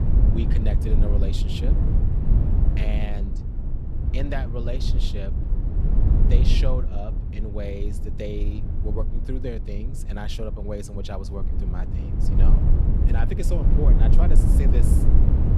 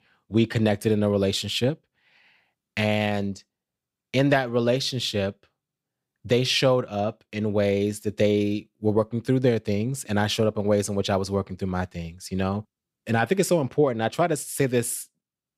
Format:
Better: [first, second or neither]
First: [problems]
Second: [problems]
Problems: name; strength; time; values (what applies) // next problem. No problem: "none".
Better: second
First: low rumble; loud; throughout; 2 dB below the speech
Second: none